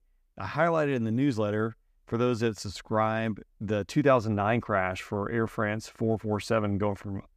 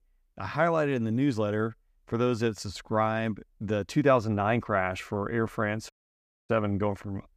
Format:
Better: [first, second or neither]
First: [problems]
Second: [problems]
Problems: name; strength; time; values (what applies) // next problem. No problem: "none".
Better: first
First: none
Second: audio cutting out; at 6 s for 0.5 s